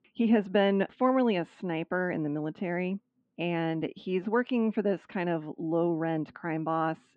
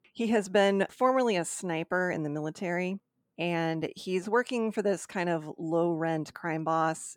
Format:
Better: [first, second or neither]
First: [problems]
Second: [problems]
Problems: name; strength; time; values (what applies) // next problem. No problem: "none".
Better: second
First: muffled; very; fading above 3 kHz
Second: none